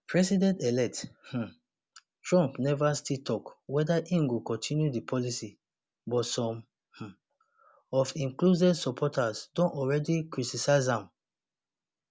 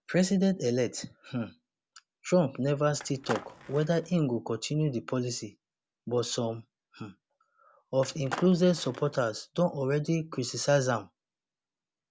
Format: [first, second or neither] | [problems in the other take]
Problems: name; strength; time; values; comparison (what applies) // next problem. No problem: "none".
first | background sound (Skateboard); 12 dB below the speech